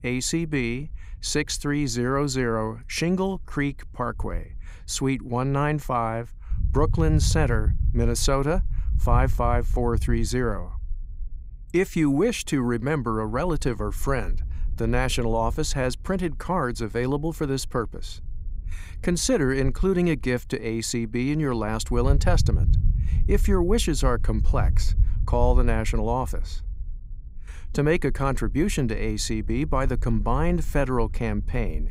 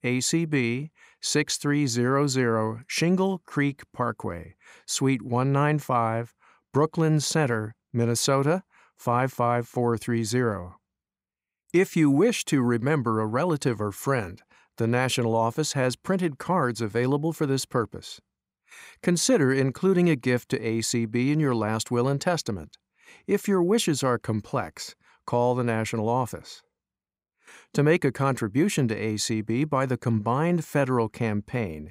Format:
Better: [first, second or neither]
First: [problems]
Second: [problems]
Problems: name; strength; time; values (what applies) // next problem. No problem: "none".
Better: second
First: low rumble; noticeable; throughout; 20 dB below the speech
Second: none